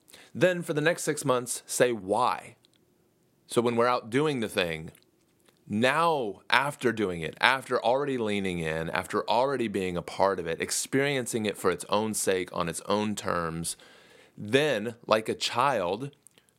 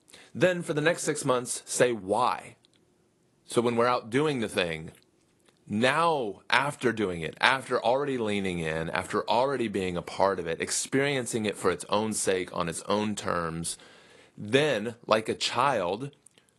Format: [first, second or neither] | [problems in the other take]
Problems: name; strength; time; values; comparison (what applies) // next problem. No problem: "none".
first | garbled, watery; slightly; nothing above 11 kHz